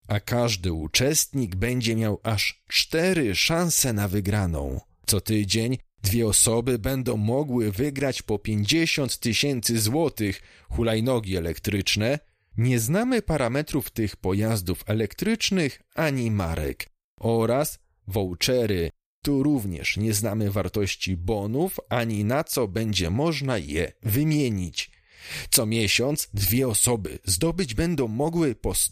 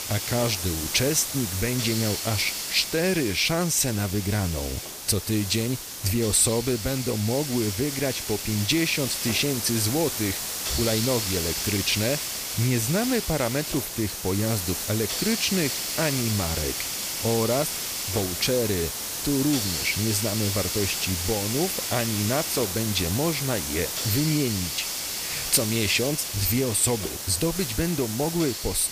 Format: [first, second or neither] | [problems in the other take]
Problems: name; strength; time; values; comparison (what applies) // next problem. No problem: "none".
first | hiss; loud; throughout; 3 dB below the speech